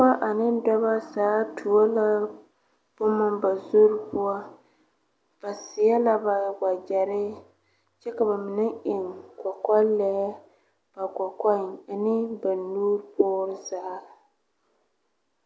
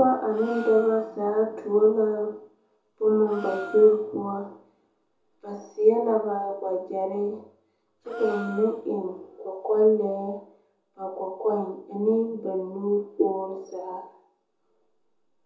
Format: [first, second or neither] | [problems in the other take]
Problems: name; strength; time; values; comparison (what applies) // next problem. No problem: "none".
first | background sound (Gasp); 17 dB below the speech // room echo; dies away in 0.7 s